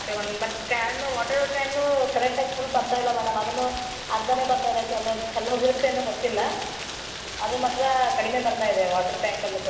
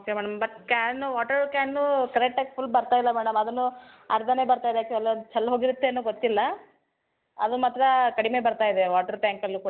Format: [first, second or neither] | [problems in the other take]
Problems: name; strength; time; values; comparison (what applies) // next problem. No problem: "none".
second | background sound (Rain); 9 dB below the speech // room echo; dies away in 1.3 s